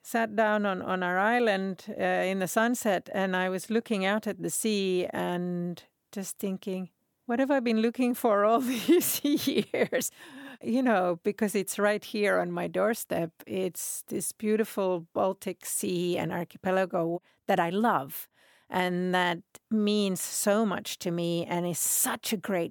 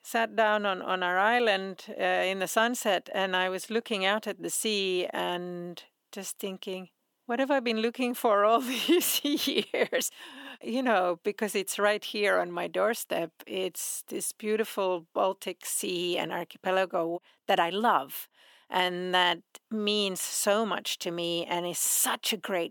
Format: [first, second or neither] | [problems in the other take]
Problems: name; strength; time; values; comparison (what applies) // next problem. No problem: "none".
first | thin; very slightly; fading below 300 Hz